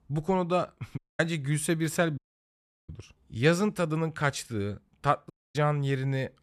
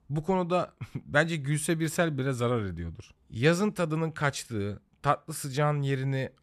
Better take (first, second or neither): second